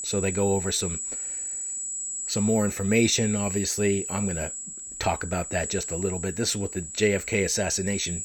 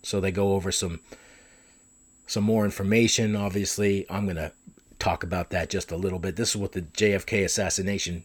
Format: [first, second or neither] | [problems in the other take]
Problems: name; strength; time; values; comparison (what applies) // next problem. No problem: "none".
second | high-pitched whine; loud; throughout; 7.5 kHz, 5 dB below the speech; faint in the second